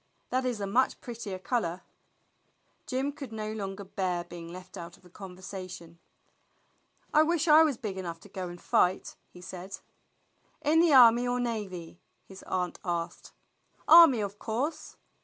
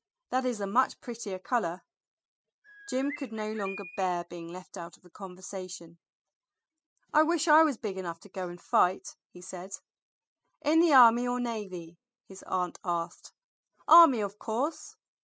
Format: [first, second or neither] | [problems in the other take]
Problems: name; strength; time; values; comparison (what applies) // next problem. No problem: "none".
first | noise reduction (classical method spectral subtraction)